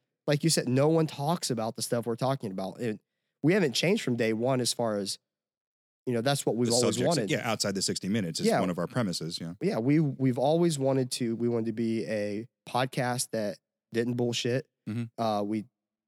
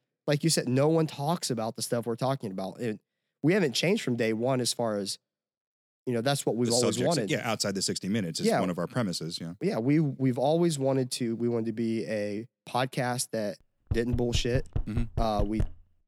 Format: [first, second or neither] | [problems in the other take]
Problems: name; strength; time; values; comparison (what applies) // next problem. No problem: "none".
first | door banging; noticeable; from 14 s on; peak 6 dB below the speech